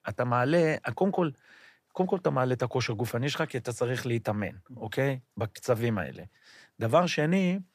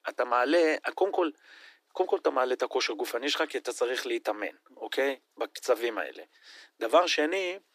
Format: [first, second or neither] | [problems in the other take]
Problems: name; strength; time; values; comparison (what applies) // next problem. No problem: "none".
first | thin; very; fading below 300 Hz